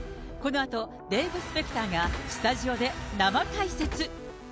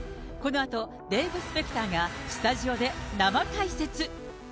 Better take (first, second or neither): second